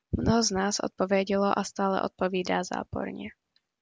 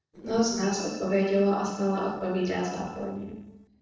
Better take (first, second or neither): first